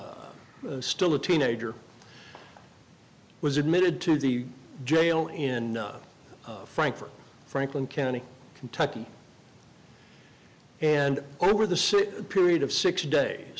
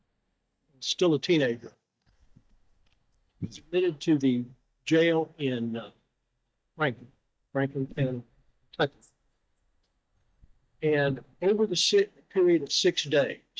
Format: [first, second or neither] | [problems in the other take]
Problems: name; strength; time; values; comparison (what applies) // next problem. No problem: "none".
first | noise reduction (neural mask model DeepFilterNet 3)